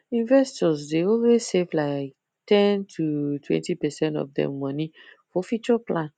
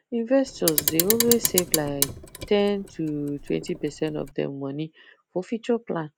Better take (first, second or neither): first